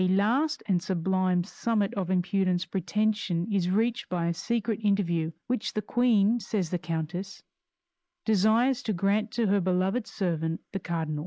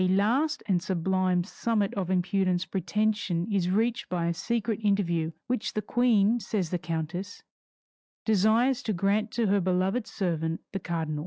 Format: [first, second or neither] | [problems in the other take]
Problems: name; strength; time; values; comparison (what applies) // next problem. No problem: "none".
second | noise reduction (neural mask model Resemble Enhance denoiser)